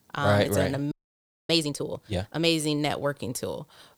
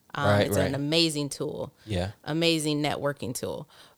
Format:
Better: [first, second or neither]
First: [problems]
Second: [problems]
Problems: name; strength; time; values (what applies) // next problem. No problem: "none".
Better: second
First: audio freezing; at 1 s for 0.5 s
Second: none